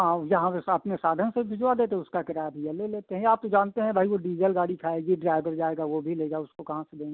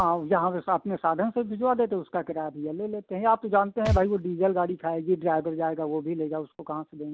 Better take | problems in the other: first | background sound (Thump, thud); 13 dB below the speech

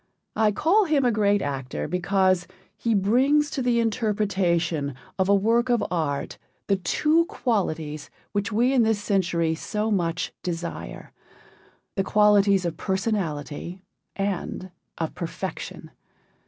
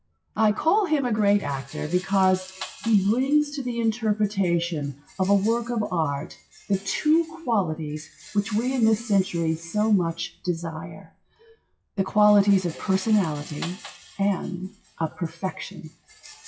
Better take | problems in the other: first | noise reduction (classical method WPE with log-MMSE)

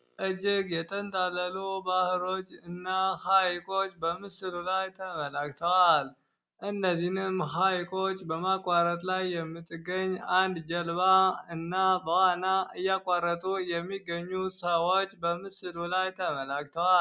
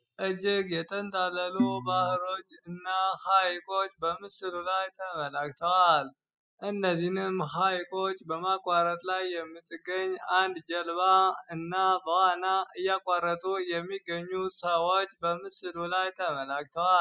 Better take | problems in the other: first | noise reduction (classical method spectral subtraction)

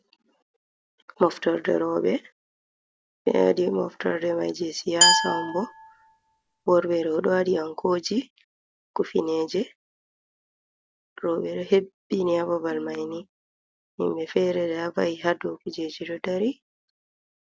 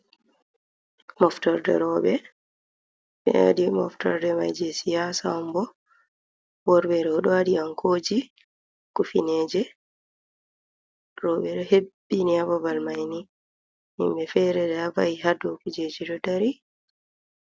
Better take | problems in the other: second | background sound (Glass); 2 dB above the speech

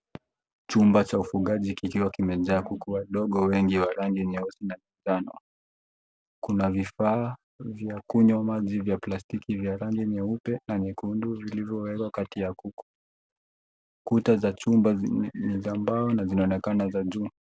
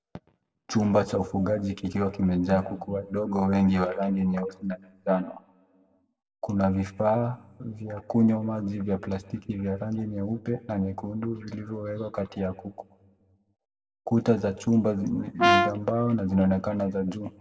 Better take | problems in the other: first | background sound (Brass instrument); 3 dB above the speech // room echo; dies away in 0.9 s

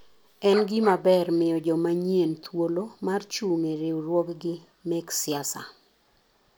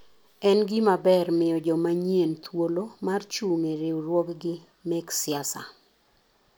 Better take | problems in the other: second | background sound (Bark); 12 dB below the speech

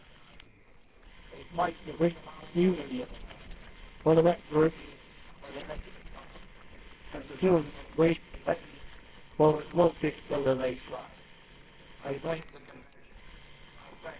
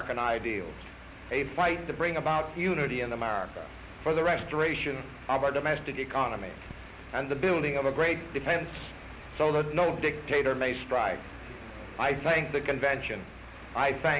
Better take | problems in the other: second | noise reduction (neural separator model SepFormer WHAMR!)

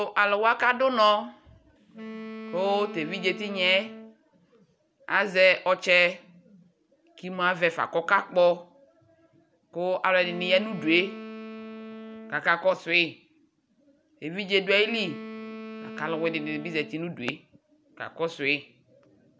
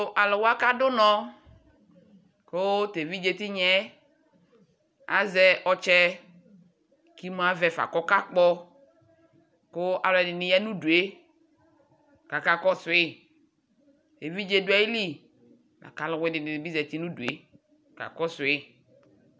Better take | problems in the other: second | background sound (Wind instrument, woodwind instrument); 14 dB below the speech

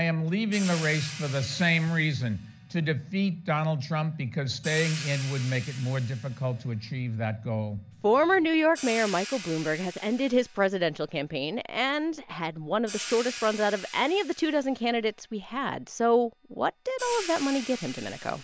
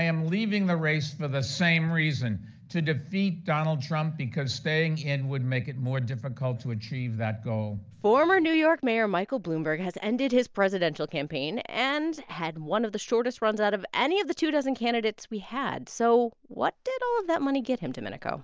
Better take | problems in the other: second | background sound (Hi-hat); 15 dB below the speech

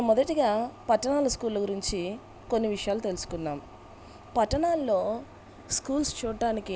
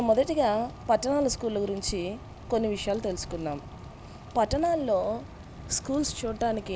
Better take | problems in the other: first | background sound (Fire); 17 dB below the speech

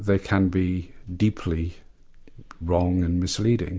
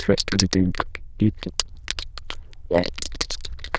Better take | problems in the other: first | noise reduction (neural diffusion model UNIVERSE++)

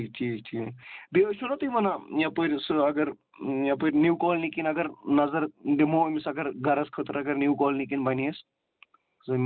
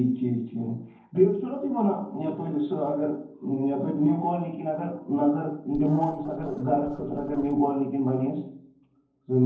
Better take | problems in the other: first | noise reduction (neural separator model SepFormer DNS4)

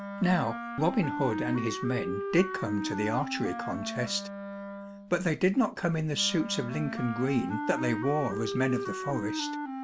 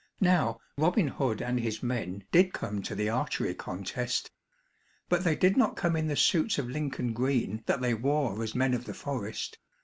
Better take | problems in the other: second | background sound (Wind instrument, woodwind instrument); 6 dB below the speech

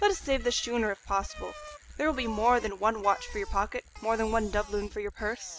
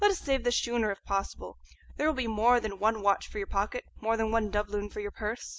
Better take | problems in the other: second | background sound (Bicycle); 19 dB below the speech

